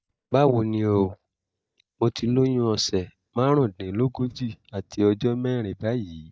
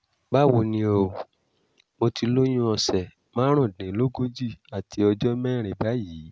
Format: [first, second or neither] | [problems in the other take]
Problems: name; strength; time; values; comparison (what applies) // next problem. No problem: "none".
second | noise reduction (neural mask model DeepFilterNet 3)